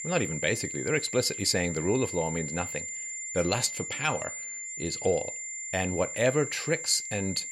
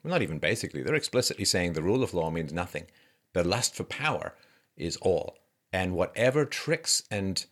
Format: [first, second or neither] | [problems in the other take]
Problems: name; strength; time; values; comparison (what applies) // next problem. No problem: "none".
second | high-pitched whine; loud; throughout; 7 kHz, 6 dB below the speech